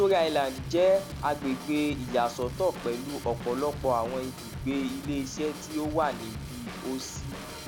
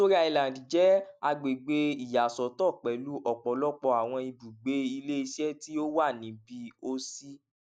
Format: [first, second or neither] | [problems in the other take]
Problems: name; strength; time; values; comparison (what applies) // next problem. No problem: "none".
second | background sound (Drum / Drum kit); 10 dB below the speech